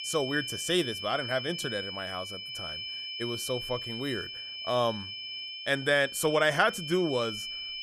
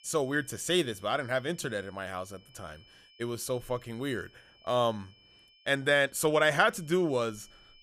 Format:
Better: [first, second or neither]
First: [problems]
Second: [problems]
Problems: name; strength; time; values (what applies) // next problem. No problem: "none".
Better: second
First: high-pitched whine; loud; throughout; 3 kHz, 6 dB below the speech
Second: high-pitched whine; faint; throughout; 3 kHz, 30 dB below the speech